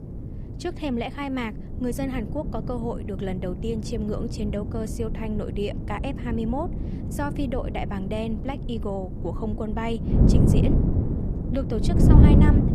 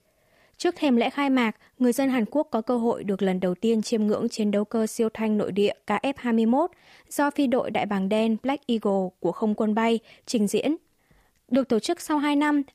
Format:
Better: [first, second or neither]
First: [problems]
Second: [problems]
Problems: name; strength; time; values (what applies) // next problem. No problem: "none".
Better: second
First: wind noise on the microphone; heavy; 1 dB below the speech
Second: none